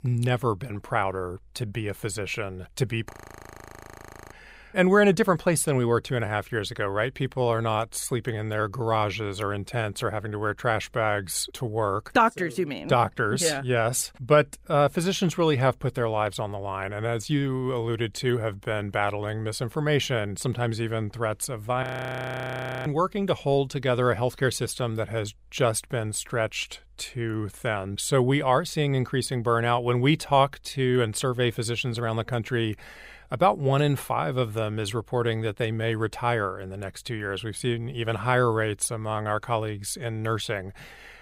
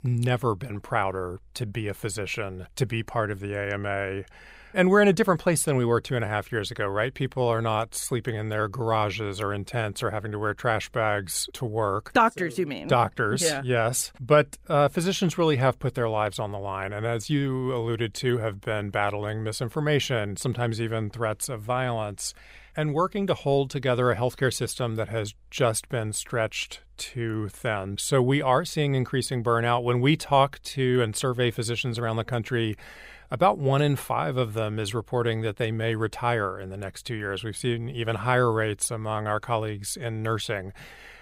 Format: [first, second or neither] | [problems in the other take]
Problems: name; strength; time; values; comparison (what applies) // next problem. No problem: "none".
second | audio freezing; at 3 s for 1 s and at 22 s for 1 s